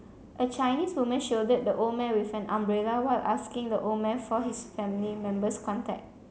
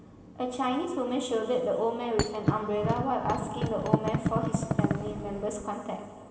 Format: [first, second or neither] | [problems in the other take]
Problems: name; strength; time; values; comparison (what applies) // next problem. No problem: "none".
first | background sound (Thump, thud); as loud as the speech // room echo; dies away in 2.3 s